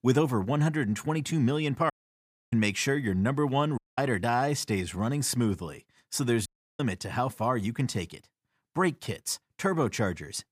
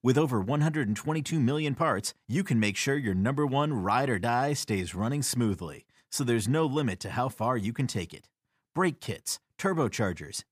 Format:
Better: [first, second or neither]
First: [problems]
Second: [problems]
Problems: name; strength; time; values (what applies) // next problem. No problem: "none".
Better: second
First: audio cutting out; at 2 s for 0.5 s, at 4 s and at 6.5 s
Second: none